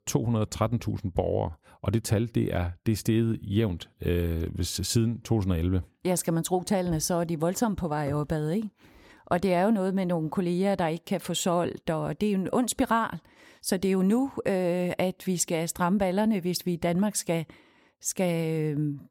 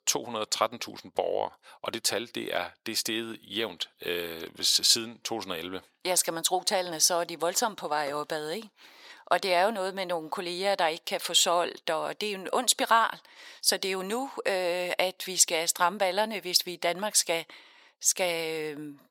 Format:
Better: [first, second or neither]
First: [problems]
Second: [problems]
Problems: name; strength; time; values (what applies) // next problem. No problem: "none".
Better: first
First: none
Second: thin; very; fading below 650 Hz